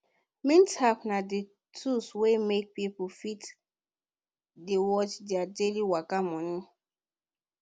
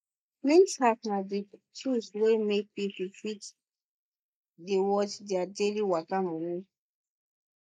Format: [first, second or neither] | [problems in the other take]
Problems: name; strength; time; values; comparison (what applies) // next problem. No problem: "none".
first | noise reduction (neural mask model Resemble Enhance denoiser)